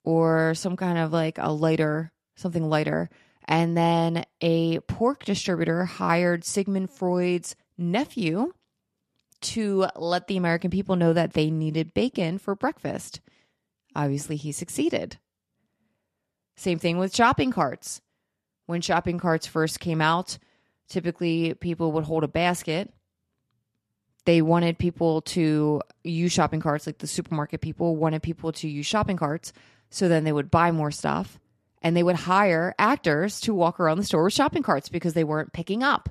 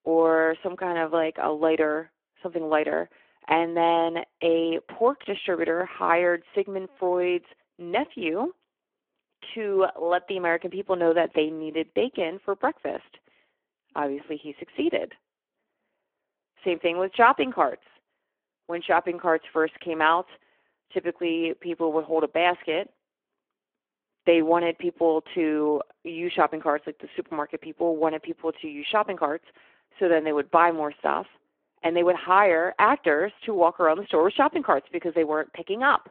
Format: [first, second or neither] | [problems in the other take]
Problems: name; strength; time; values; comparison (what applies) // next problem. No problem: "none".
first | phone-call audio